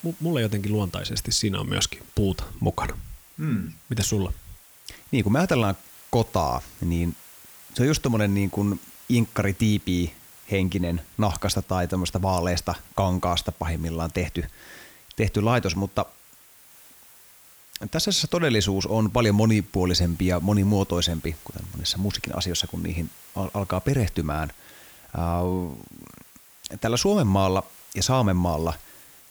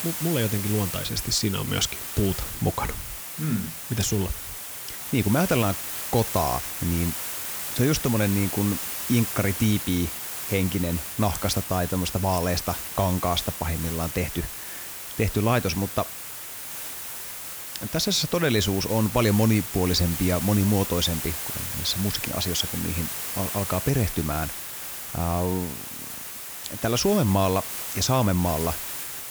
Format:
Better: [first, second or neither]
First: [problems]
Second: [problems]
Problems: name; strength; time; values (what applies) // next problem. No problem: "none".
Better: first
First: hiss; faint; throughout; 20 dB below the speech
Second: hiss; loud; throughout; 4 dB below the speech